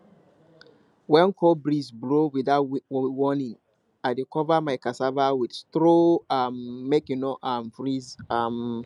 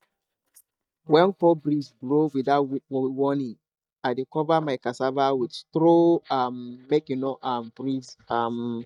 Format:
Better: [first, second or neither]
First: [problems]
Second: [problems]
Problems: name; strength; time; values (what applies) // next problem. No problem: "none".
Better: first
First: none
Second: noise reduction (neural mask model DeepFilterNet 3)